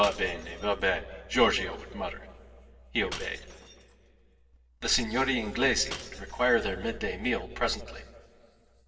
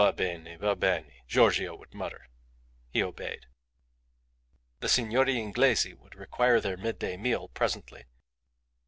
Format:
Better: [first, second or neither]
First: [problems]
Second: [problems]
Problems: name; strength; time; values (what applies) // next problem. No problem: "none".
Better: second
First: background sound (Shatter / Crushing); 18 dB below the speech // room echo; dies away in 2.7 s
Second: none